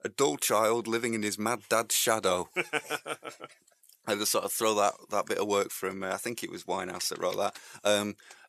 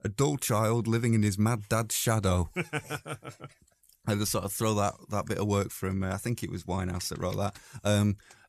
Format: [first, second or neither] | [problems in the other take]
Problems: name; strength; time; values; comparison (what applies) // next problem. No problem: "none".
second | thin; somewhat; fading below 400 Hz